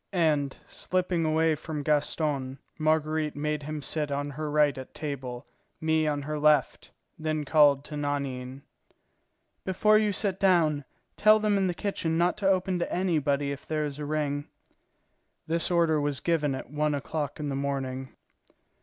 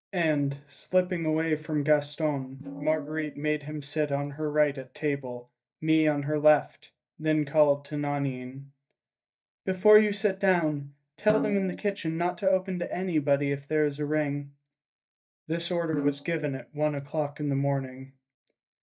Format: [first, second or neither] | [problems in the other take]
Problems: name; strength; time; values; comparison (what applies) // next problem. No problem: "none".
first | noise reduction (neural mask model DeepFilterNet 3)